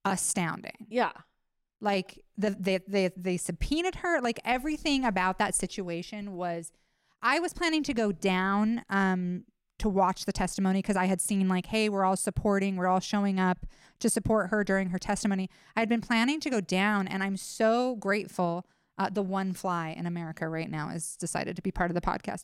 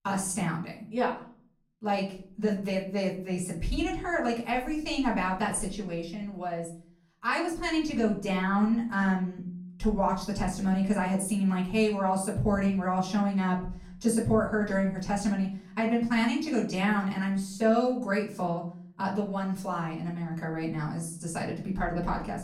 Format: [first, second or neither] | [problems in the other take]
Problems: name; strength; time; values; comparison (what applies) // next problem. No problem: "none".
first | off-mic speech; far // room echo; slight; dies away in 0.5 s